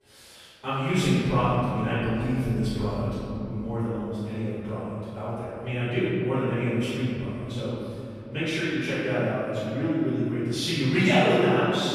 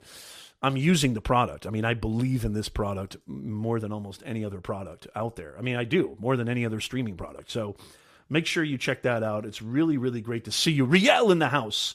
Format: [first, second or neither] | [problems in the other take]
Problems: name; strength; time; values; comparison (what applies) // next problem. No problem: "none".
second | off-mic speech; far // room echo; strong; dies away in 3 s